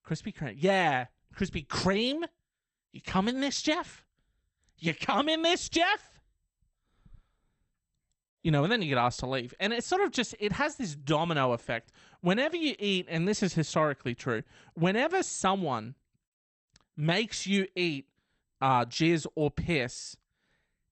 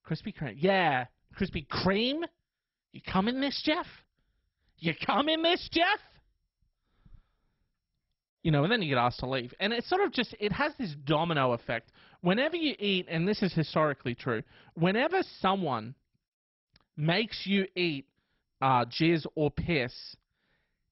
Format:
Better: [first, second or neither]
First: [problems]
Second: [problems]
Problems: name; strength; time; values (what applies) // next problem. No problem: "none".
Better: first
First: garbled, watery; slightly; nothing above 8.5 kHz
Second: garbled, watery; badly; nothing above 5.5 kHz